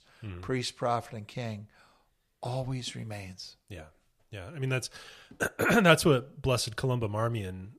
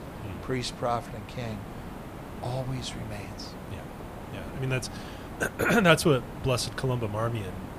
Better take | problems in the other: first | hiss; noticeable; throughout; 10 dB below the speech

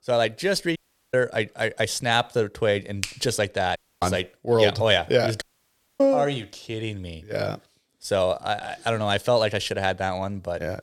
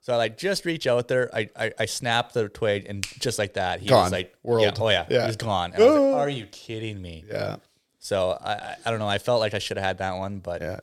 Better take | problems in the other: second | audio cutting out; at 1 s, at 4 s and at 5.5 s for 0.5 s

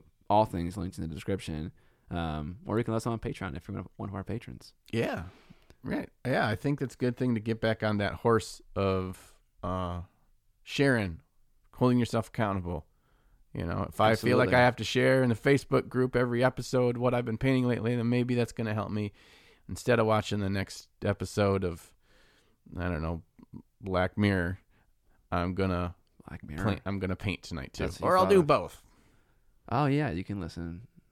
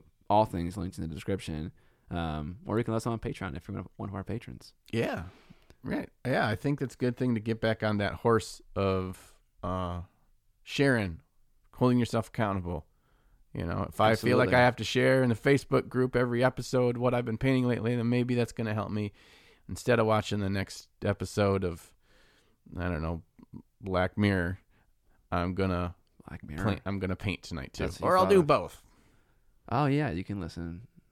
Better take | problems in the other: neither | none

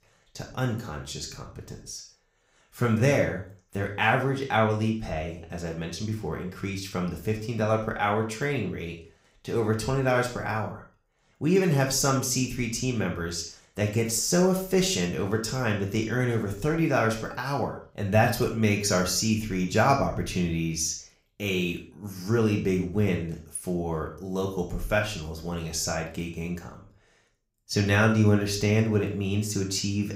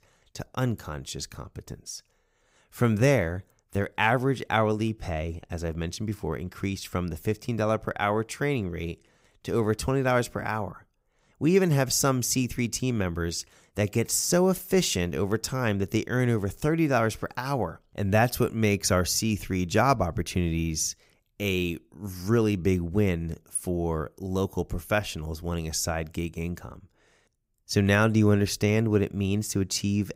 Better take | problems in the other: second | room echo; noticeable; dies away in 0.4 s // off-mic speech; somewhat distant

